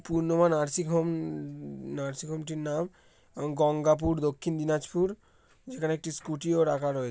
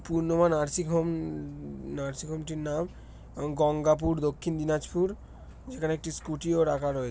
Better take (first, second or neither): first